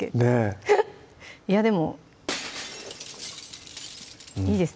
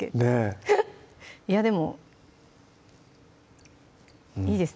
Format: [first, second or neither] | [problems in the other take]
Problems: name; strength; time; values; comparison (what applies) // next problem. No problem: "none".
second | background sound (Shatter); 14 dB below the speech